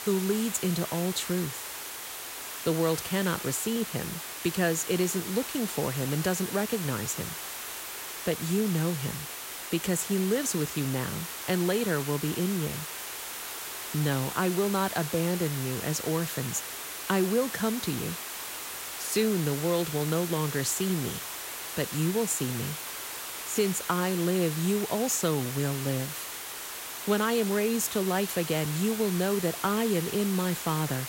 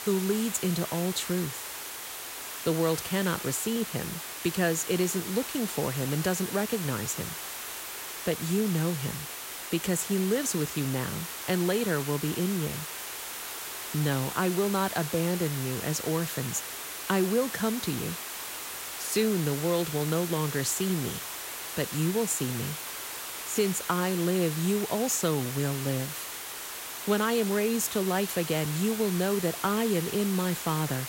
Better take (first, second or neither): neither